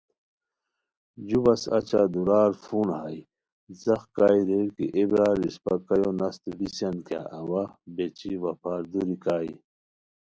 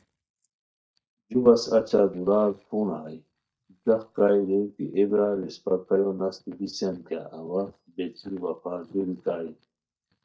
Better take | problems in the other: first | noise reduction (neural mask model DeepFilterNet 3)

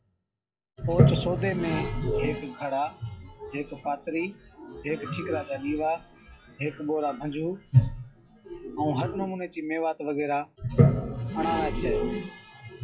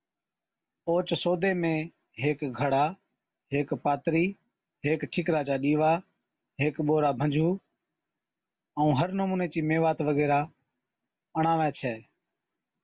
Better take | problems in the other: second | noise reduction (classical method log-MMSE)

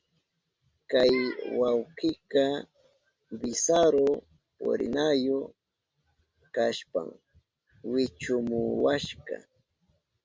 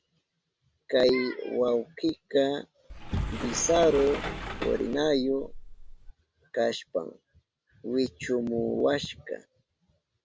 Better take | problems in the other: first | background sound (Sliding door); 7 dB below the speech

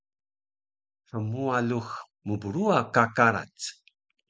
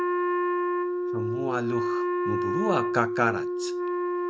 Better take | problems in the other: first | background sound (Wind instrument, woodwind instrument); 4 dB above the speech

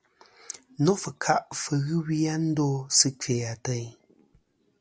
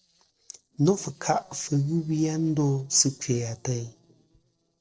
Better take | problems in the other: first | noise reduction (neural separator model SepFormer DNS4)

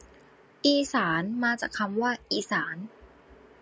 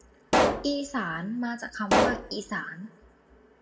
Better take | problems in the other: first | background sound (Explosion); 5 dB above the speech // room echo; dies away in 0.7 s

